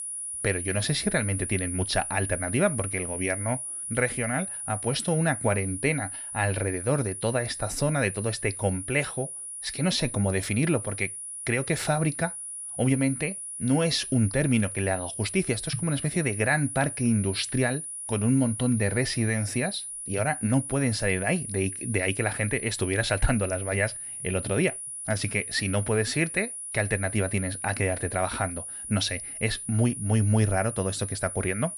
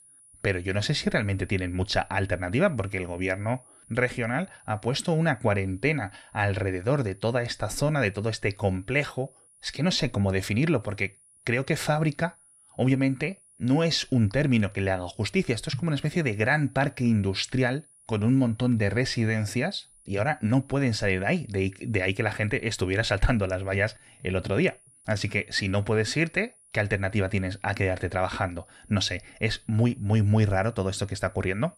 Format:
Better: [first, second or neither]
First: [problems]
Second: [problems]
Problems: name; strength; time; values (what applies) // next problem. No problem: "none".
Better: second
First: high-pitched whine; loud; throughout; 9.5 kHz, 6 dB below the speech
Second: high-pitched whine; faint; throughout; 9.5 kHz, 30 dB below the speech